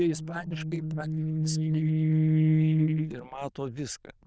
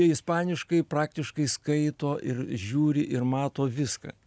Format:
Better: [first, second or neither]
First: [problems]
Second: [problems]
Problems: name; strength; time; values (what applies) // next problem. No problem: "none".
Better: second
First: noise reduction (neural diffusion model UNIVERSE++)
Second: none